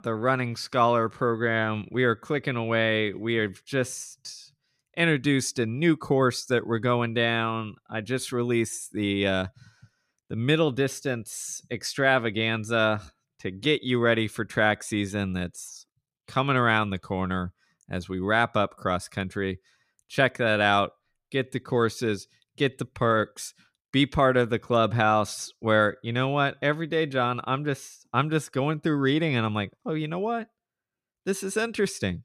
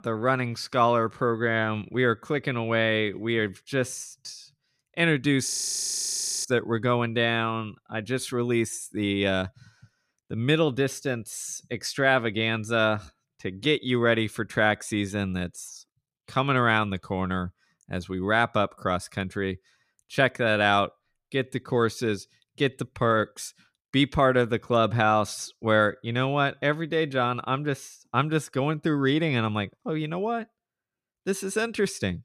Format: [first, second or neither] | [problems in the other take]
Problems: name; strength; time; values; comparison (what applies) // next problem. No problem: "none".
first | audio freezing; at 5.5 s for 1 s